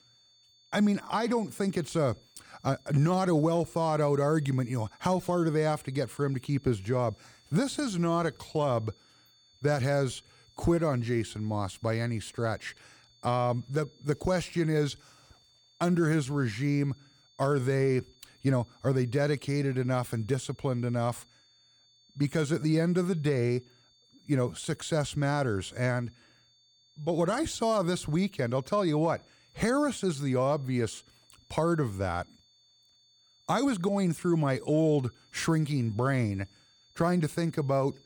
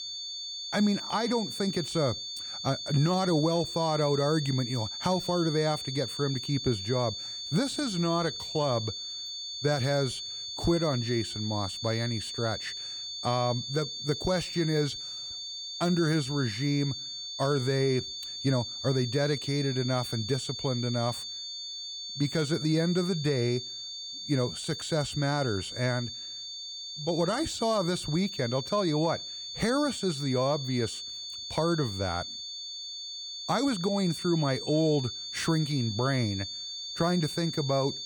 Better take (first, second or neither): first